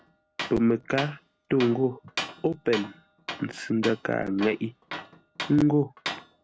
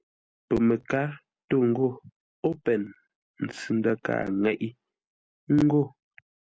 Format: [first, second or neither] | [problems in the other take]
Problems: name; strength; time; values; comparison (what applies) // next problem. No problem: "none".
second | background sound (Tools); 11 dB below the speech